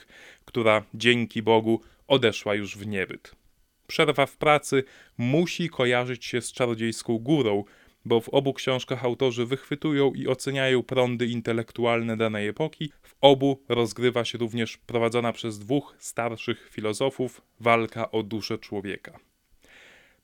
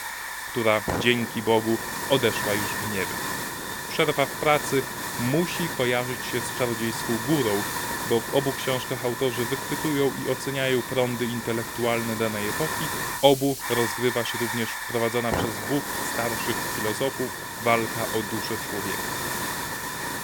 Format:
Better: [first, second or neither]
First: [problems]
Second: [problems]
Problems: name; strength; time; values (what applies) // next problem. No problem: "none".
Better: first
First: none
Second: hiss; loud; throughout; 3 dB below the speech